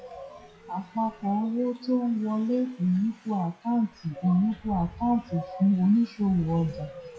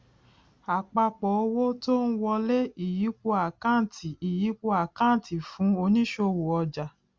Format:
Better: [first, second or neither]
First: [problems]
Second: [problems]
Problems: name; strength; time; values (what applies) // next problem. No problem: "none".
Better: second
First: noise reduction (classical method WPE with log-MMSE)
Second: none